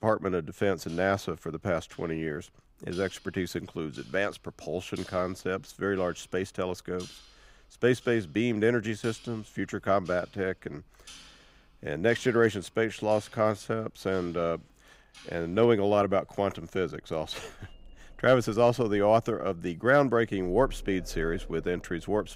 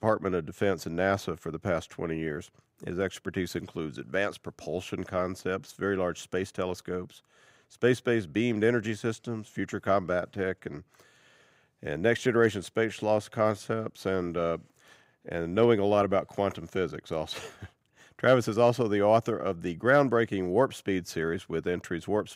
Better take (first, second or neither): second